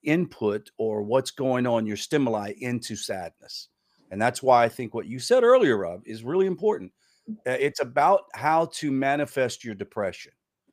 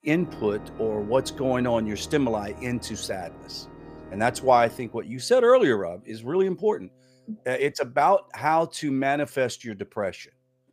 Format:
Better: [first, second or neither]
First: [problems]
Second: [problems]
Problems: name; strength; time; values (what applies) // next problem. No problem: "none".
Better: first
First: none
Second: background music; noticeable; throughout; 15 dB below the speech